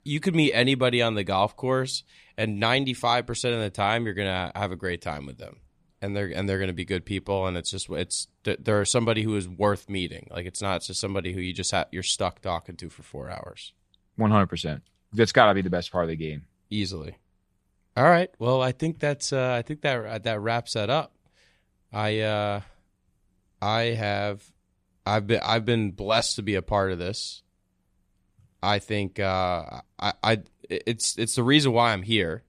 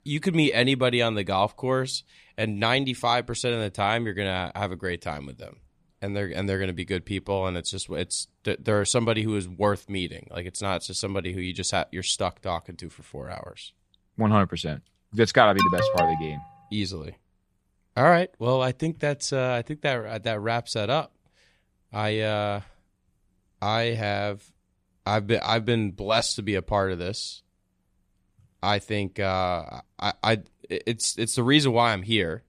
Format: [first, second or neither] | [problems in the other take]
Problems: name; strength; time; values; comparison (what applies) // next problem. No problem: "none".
first | alarm; loud; at 16 s; peak 3 dB above the speech